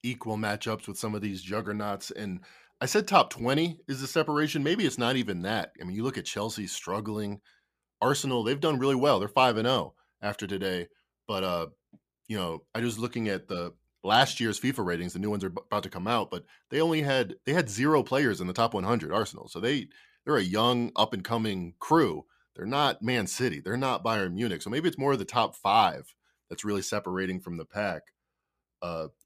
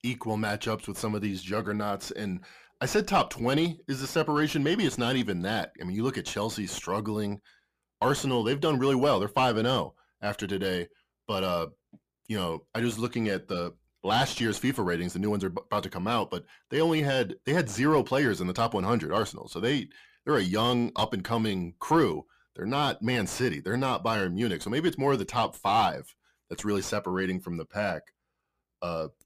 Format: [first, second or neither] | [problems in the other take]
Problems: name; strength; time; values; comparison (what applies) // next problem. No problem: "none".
first | distortion; slight; 10 dB below the speech